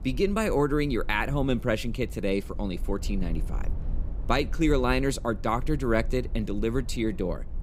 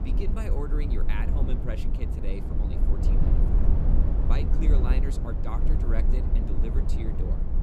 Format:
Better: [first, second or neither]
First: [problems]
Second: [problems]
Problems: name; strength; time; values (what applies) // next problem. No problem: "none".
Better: first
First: low rumble; faint; throughout; 20 dB below the speech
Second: low rumble; loud; throughout; as loud as the speech